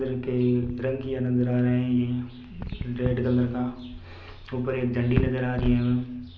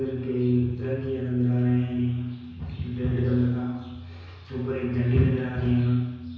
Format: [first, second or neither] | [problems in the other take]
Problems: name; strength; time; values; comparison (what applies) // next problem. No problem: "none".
first | room echo; dies away in 1.1 s